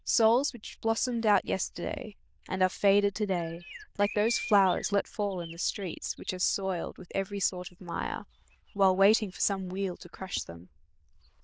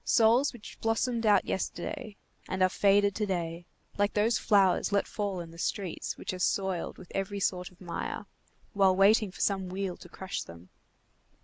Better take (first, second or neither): second